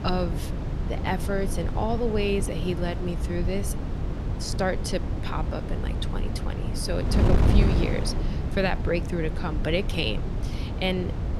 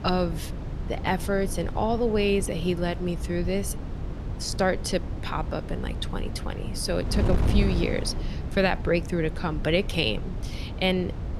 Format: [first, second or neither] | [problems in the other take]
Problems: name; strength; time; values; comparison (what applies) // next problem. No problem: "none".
second | wind noise on the microphone; heavy; 6 dB below the speech; occasional gusts in the second